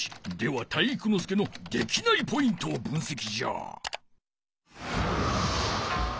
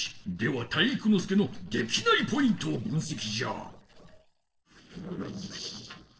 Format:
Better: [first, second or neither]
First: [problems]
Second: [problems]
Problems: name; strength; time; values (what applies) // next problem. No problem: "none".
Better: first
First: none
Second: noise reduction (neural separator model SepFormer DNS4)